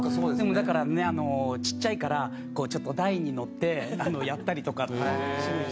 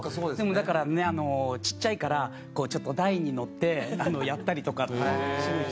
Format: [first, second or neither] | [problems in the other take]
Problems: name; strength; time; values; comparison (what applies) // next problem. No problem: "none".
second | background sound (Bass guitar); 5 dB below the speech